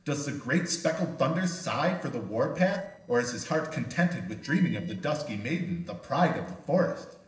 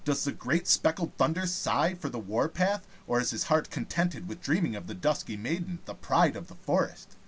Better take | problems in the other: second | noise reduction (neural separator model SepFormer DNS4)

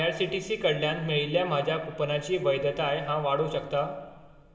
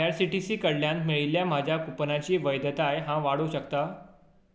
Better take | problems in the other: second | room echo; dies away in 2.6 s

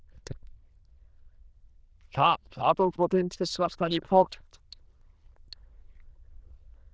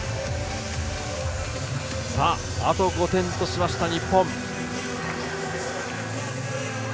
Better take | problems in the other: second | noise reduction (neural diffusion model UNIVERSE++)

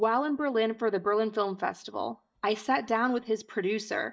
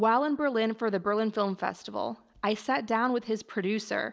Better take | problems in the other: second | noise reduction (neural mask model DeepFilterNet 3)

